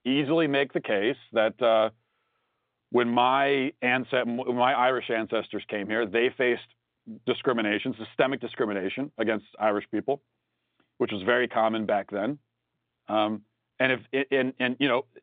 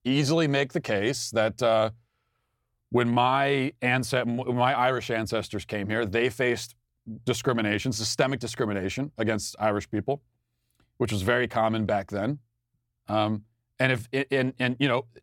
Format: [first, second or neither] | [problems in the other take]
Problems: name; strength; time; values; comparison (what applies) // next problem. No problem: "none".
second | phone-call audio; nothing above 3.5 kHz